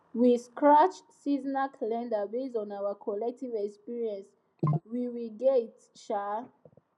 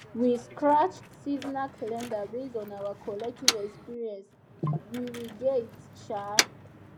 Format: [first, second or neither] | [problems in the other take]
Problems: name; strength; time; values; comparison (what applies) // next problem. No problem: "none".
first | background sound (Motor vehicle (road)); 5 dB below the speech